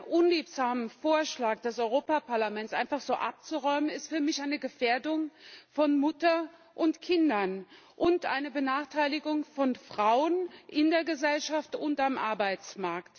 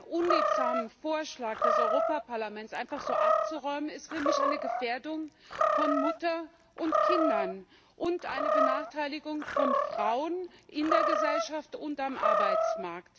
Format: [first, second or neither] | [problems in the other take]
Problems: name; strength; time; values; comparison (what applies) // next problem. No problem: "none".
first | background sound (Animal); 4 dB above the speech